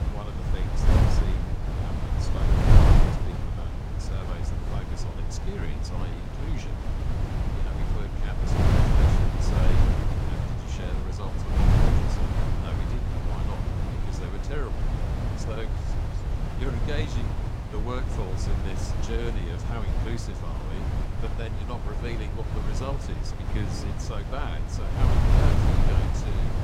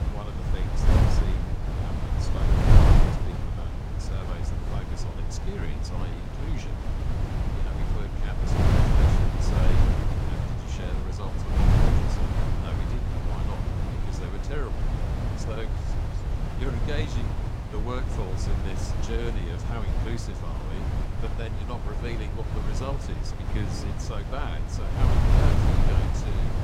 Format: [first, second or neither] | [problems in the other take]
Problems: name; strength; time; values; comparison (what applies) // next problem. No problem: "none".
neither | wind noise on the microphone; heavy; 4 dB above the speech; the same in both